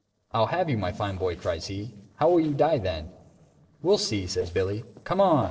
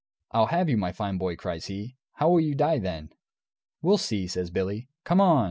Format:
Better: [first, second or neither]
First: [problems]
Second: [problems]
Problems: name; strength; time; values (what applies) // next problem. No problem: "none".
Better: second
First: noise reduction (neural separator model SepFormer DNS4)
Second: none